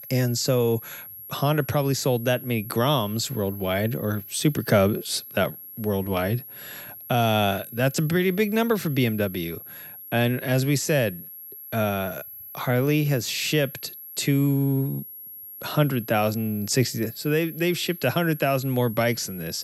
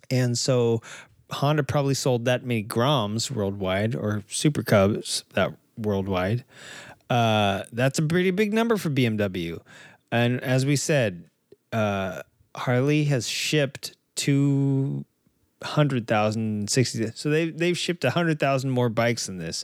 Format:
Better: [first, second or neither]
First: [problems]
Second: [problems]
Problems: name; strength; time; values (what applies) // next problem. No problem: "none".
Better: second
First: high-pitched whine; noticeable; throughout; 11.5 kHz, 15 dB below the speech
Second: none